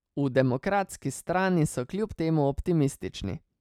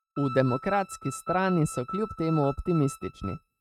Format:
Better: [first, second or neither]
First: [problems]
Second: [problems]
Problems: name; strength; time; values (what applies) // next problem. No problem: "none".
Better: first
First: none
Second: noise reduction (neural mask model RNNoise)